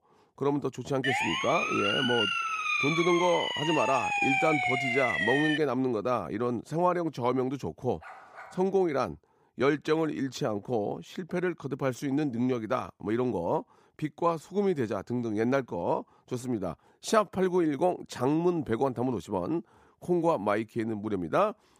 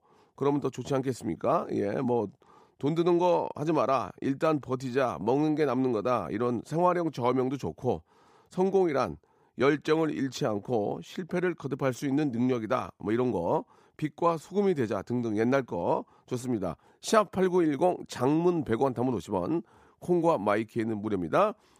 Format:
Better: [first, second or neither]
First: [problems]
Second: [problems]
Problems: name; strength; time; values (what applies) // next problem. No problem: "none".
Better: second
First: siren; loud; from 1 to 5.5 s; peak 4 dB above the speech // dog barking; faint; at 8 s; peak 15 dB below the speech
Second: none